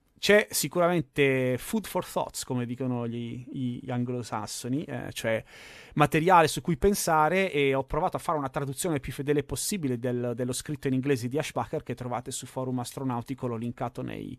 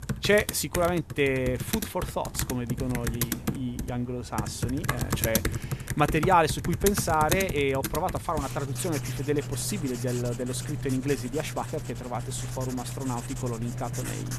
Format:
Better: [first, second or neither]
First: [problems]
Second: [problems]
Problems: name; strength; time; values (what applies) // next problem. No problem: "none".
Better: first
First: none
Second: household noises; loud; throughout; 4 dB below the speech